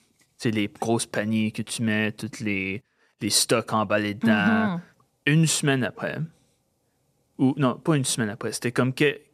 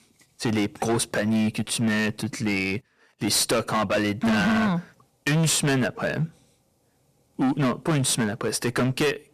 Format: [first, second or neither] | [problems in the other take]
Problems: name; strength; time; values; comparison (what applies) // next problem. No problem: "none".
first | distortion; heavy; 16% of the sound clipped